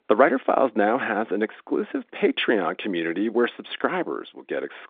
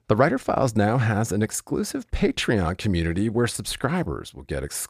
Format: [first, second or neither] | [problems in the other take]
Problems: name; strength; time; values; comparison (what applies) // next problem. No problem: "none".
second | phone-call audio; nothing above 3.5 kHz